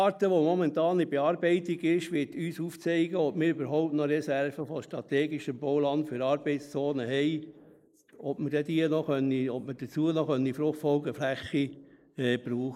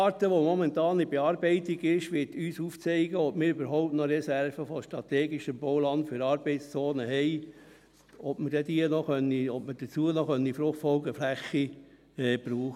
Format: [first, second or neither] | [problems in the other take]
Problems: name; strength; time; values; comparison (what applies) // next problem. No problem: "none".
second | noise reduction (neural mask model Resemble Enhance denoiser)